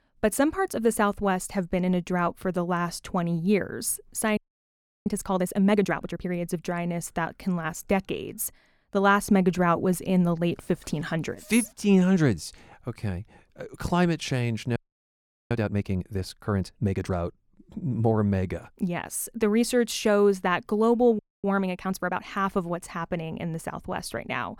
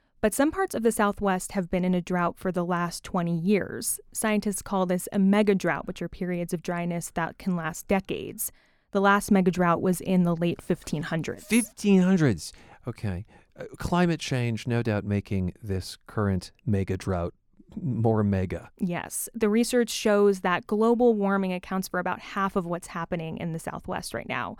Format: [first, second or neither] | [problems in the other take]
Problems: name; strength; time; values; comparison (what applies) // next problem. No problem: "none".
second | audio freezing; at 4.5 s for 0.5 s, at 15 s for 1 s and at 21 s